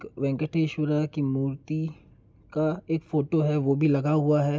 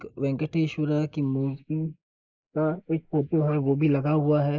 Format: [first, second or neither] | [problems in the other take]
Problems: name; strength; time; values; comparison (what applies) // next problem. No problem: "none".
first | noise reduction (neural mask model Resemble Enhance denoiser)